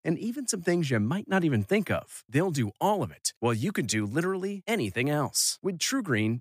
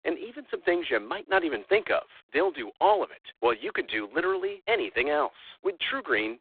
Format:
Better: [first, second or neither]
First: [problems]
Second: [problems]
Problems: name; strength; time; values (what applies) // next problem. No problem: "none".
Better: first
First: none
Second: phone-call audio; poor line